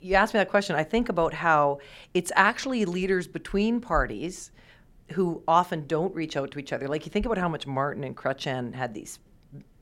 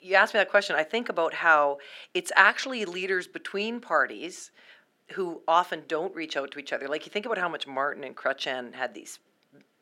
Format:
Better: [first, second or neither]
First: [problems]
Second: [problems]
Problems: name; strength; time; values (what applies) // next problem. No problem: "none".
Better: first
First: none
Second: thin; somewhat; fading below 300 Hz